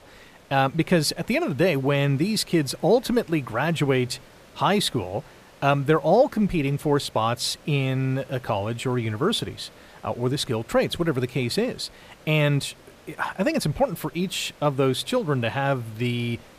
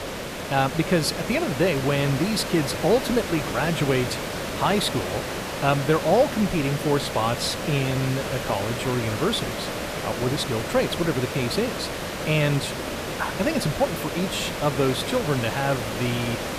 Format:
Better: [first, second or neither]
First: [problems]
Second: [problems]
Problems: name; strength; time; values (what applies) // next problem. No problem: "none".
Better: first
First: hiss; faint; throughout; 25 dB below the speech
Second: hiss; loud; throughout; 5 dB below the speech